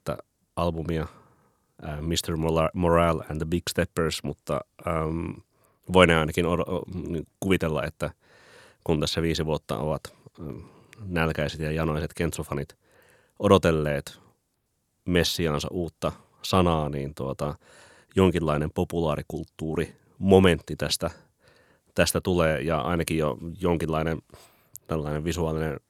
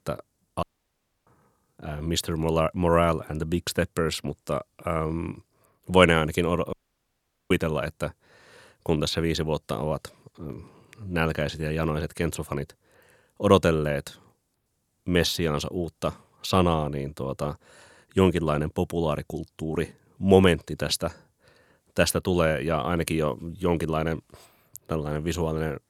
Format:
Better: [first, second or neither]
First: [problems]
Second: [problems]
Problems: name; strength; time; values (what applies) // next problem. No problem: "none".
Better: first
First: none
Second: audio cutting out; at 0.5 s for 0.5 s and at 6.5 s for 1 s